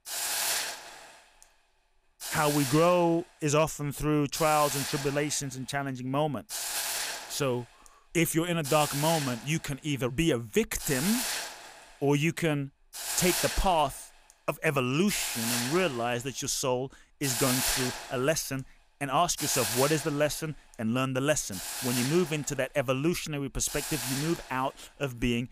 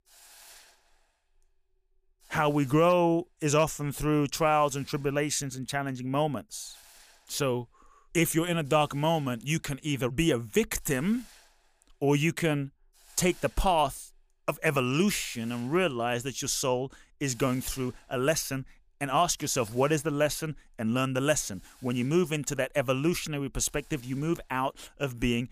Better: second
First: hiss; loud; throughout; 3 dB below the speech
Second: hiss; faint; throughout; 25 dB below the speech

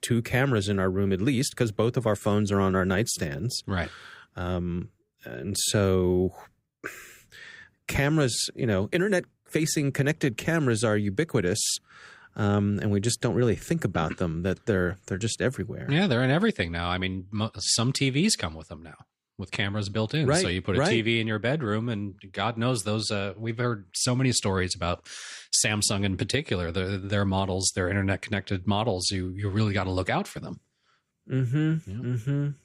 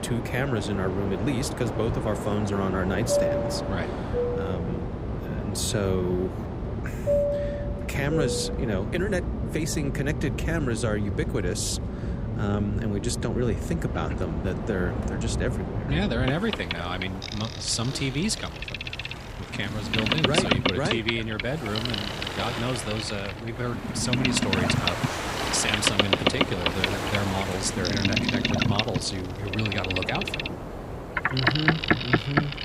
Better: first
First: none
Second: train or aircraft noise; very loud; throughout; 1 dB above the speech

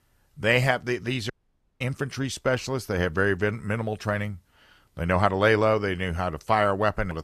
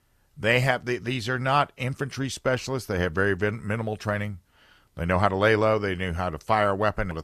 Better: second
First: audio cutting out; at 1.5 s for 0.5 s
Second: none

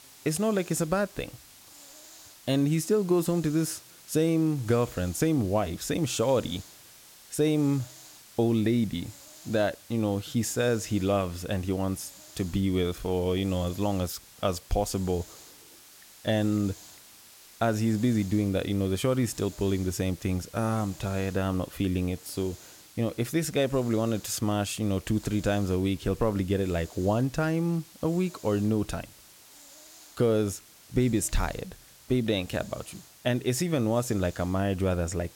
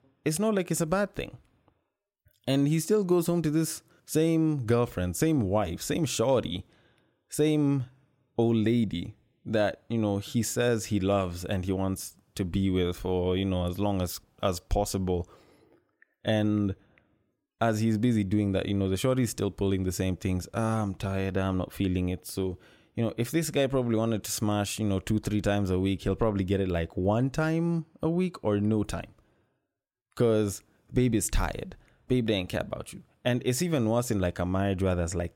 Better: second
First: hiss; faint; throughout; 20 dB below the speech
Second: none

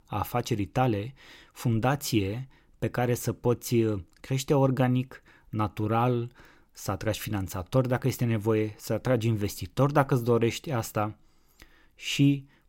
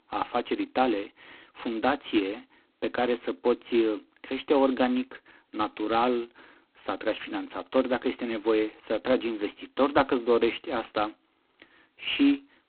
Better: first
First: none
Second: phone-call audio; poor line; nothing above 4 kHz

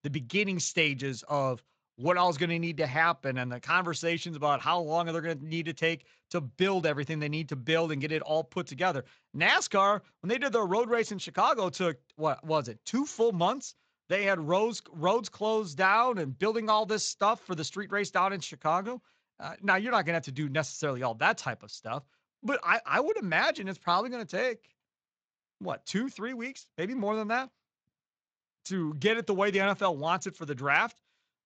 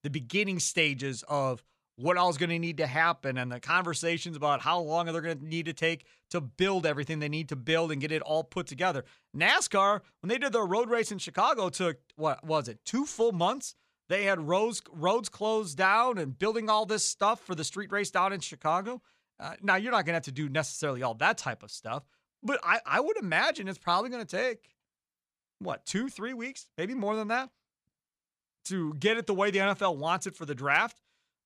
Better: second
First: garbled, watery; slightly; nothing above 7.5 kHz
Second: none

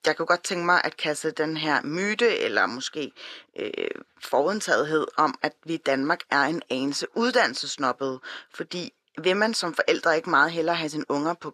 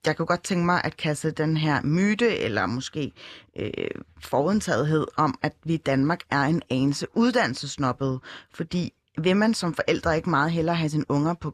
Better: second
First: thin; somewhat; fading below 400 Hz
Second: none

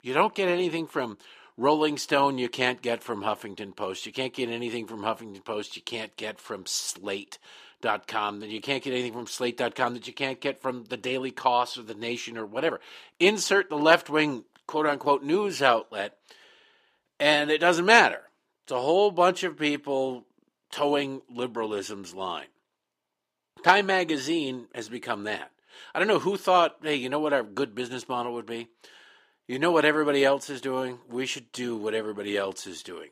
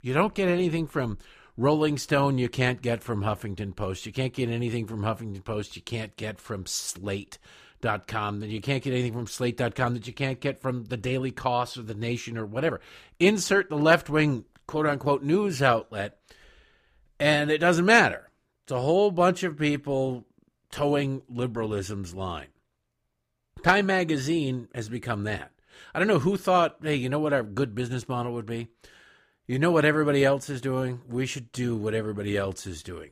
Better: second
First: thin; somewhat; fading below 300 Hz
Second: none

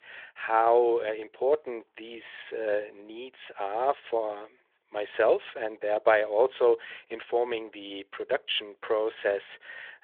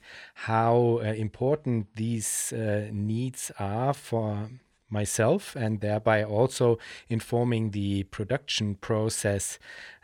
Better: second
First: phone-call audio; nothing above 3.5 kHz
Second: none

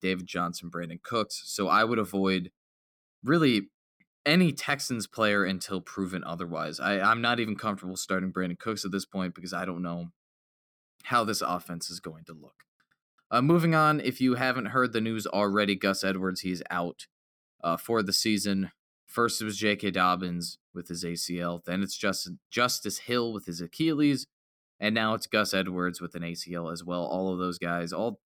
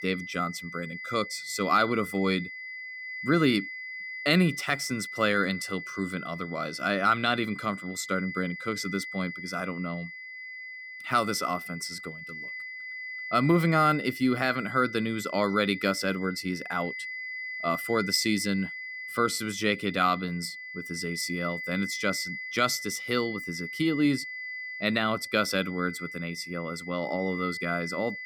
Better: first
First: none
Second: high-pitched whine; loud; throughout; 2 kHz, 8 dB below the speech

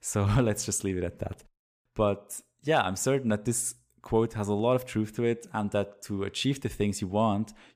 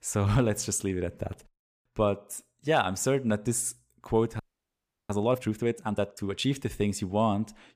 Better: first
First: none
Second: audio freezing; at 4.5 s for 0.5 s

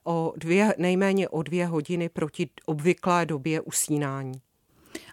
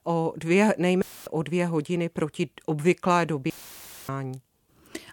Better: first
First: none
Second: audio cutting out; filled with static; at 1 s and at 3.5 s for 0.5 s

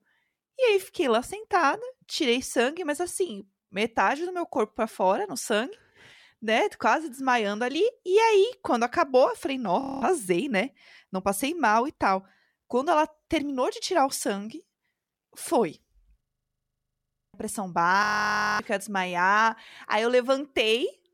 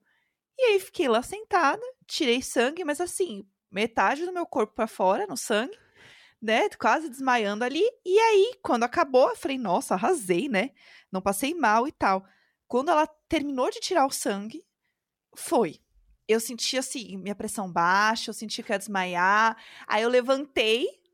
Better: second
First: audio freezing; at 10 s, at 16 s for 1 s and at 18 s for 0.5 s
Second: none

